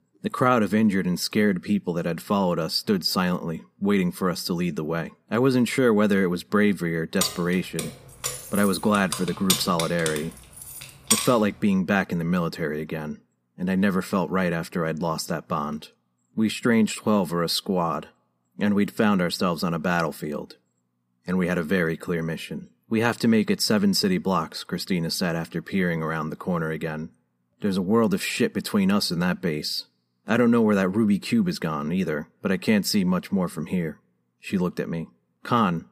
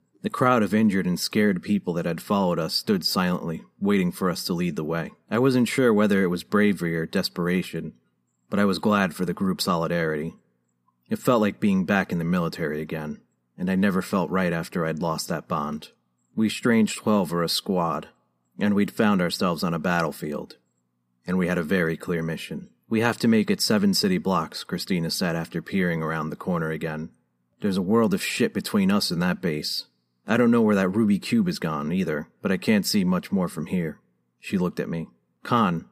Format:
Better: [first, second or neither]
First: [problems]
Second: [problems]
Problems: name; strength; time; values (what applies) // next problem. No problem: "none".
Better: second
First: jangling keys; loud; from 7 to 11 s; peak 2 dB above the speech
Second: none